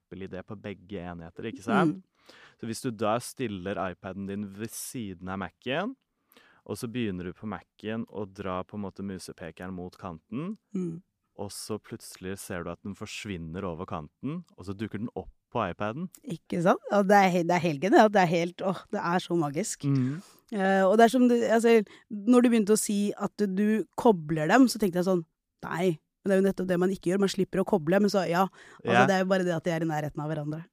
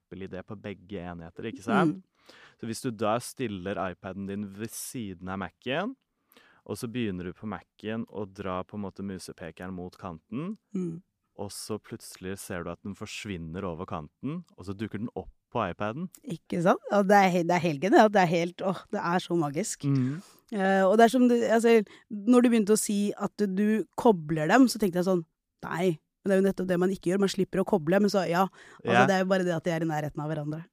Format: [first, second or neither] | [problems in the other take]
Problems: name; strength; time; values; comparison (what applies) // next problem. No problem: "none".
neither | none